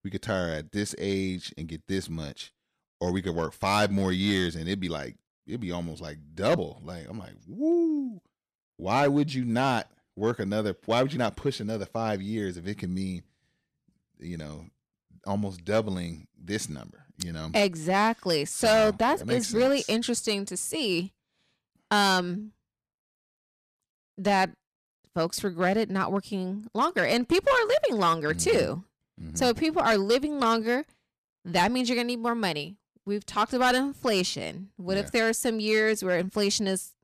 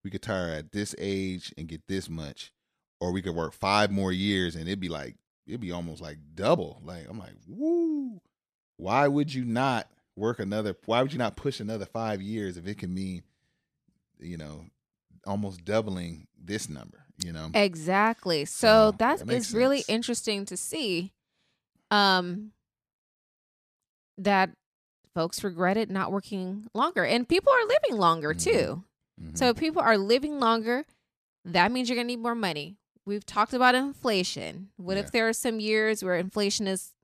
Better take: second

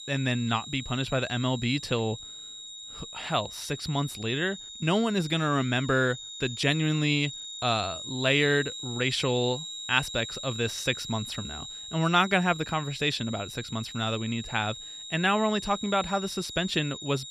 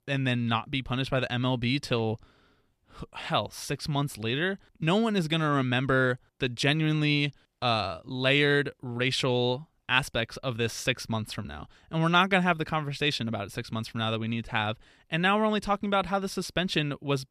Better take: second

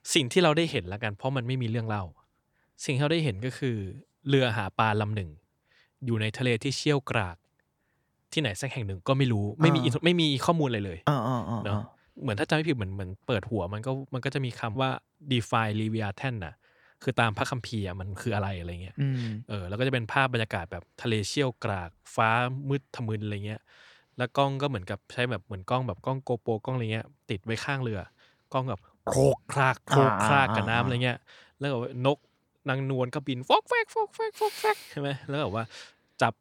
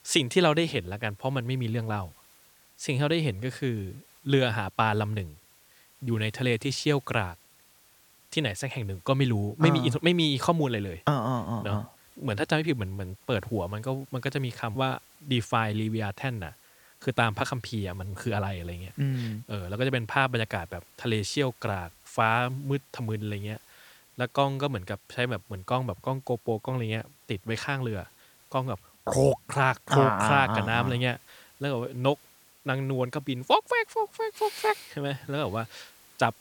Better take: first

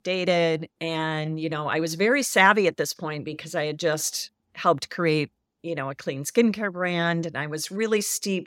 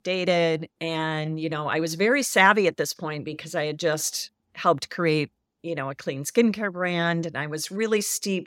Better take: neither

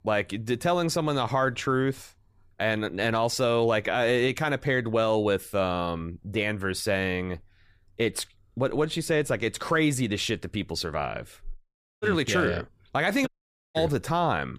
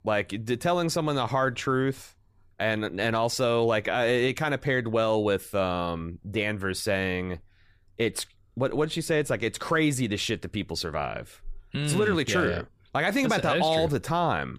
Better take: second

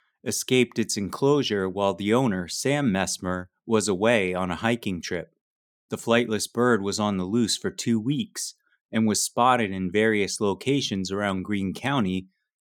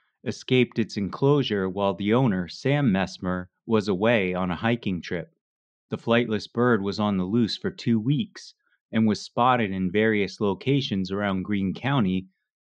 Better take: first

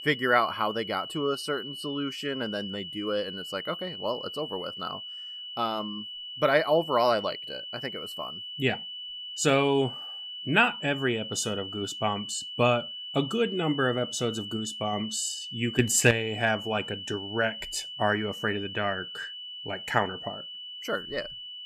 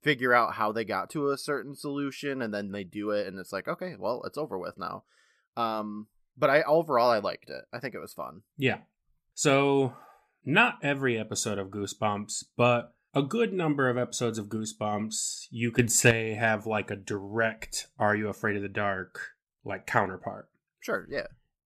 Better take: second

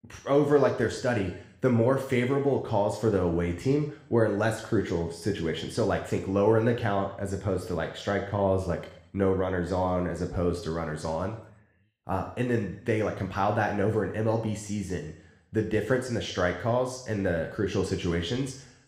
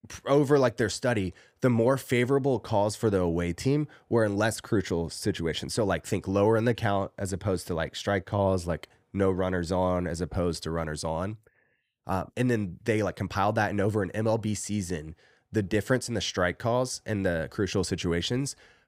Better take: second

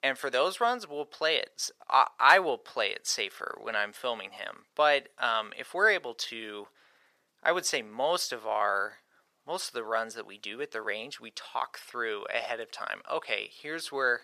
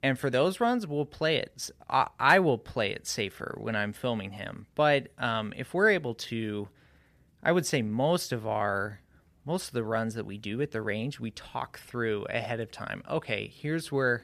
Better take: second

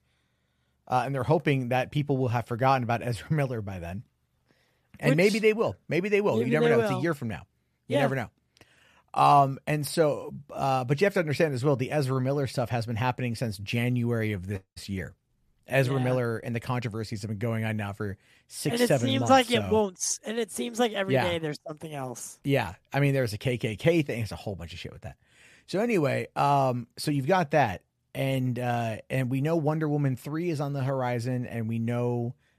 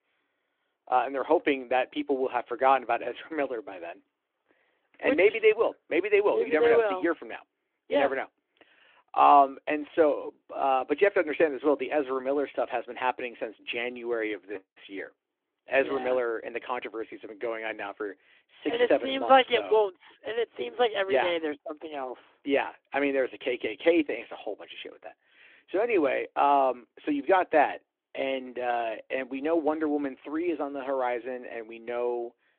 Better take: first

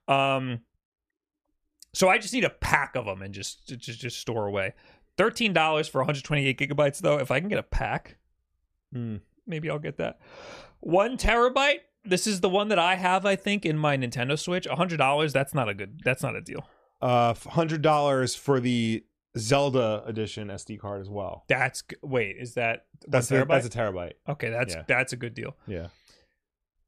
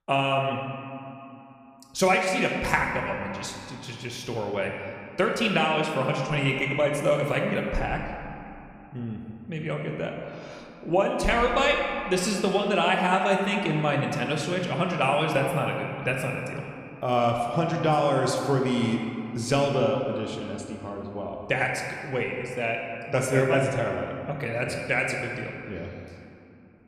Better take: first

